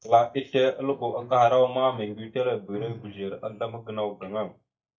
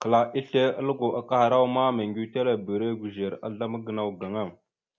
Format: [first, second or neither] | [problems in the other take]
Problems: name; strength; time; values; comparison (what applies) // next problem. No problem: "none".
second | noise reduction (neural mask model DeepFilterNet 3)